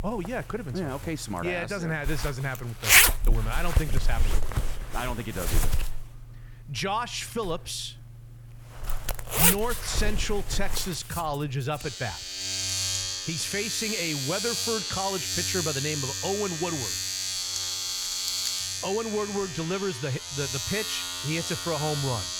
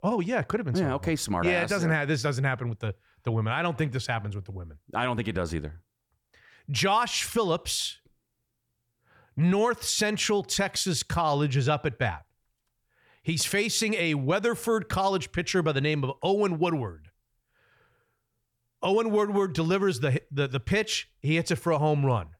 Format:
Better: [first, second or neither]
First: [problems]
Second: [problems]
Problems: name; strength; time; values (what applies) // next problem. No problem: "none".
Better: second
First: household noises; very loud; throughout; 4 dB above the speech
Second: none